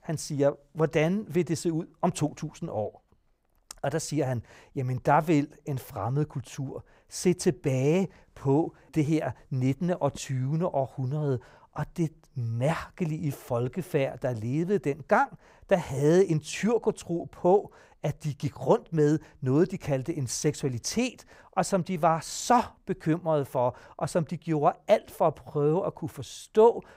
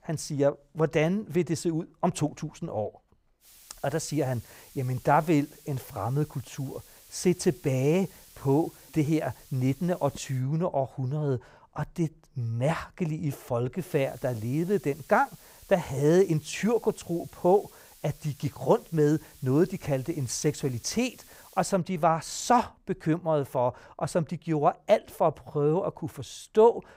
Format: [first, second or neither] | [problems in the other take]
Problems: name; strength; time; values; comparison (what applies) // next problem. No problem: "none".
first | hiss; faint; from 3.5 to 10 s and from 14 to 22 s; 25 dB below the speech